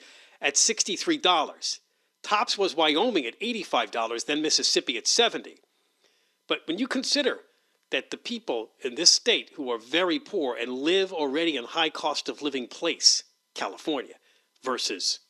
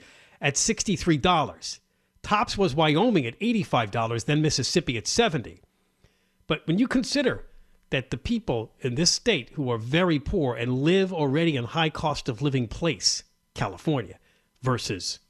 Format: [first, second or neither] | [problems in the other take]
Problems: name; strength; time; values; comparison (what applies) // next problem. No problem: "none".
second | thin; somewhat; fading below 300 Hz